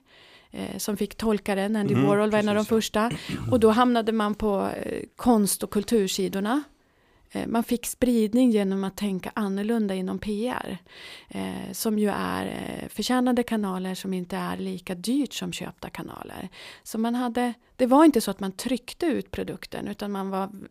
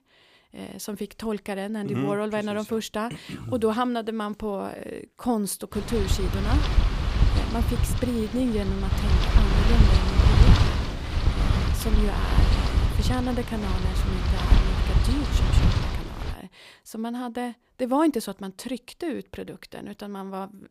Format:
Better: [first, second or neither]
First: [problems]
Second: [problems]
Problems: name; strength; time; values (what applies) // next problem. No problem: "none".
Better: first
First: none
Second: wind noise on the microphone; heavy; from 5.5 to 16 s; as loud as the speech